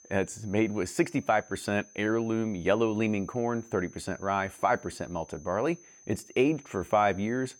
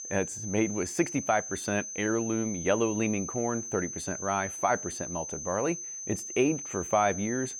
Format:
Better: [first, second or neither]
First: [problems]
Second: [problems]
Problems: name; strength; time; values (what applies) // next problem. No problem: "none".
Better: first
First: high-pitched whine; faint; throughout; 6 kHz, 25 dB below the speech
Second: high-pitched whine; loud; throughout; 6 kHz, 6 dB below the speech